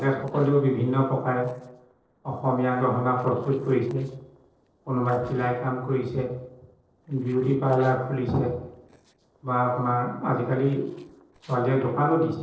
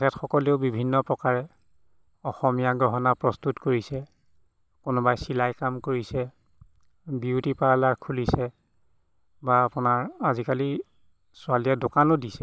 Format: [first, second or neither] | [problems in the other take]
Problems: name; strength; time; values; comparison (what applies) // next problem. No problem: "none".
second | noise reduction (neural separator model SepFormer DNS4)